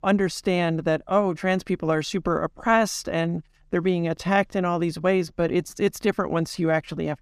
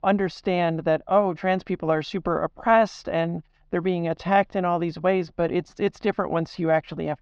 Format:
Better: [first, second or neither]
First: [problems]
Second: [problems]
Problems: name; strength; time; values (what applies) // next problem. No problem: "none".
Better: first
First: none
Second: muffled; slightly; fading above 4.5 kHz